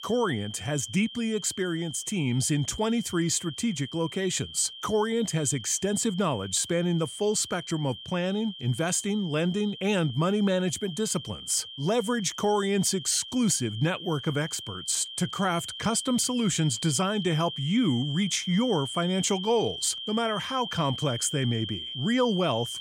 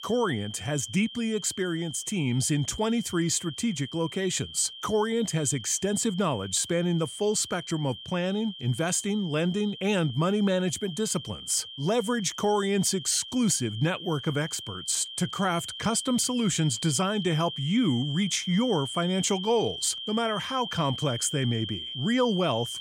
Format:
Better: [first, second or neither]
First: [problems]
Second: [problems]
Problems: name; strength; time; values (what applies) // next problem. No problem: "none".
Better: neither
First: high-pitched whine; loud; throughout; 3 kHz, 10 dB below the speech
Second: high-pitched whine; loud; throughout; 3 kHz, 10 dB below the speech